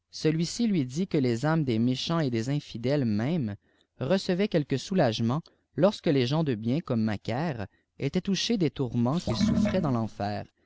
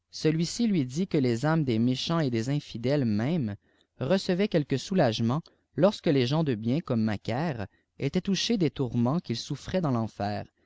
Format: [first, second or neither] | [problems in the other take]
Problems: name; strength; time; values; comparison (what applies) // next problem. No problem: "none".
second | background sound (Sink (filling or washing) / Water); 2 dB below the speech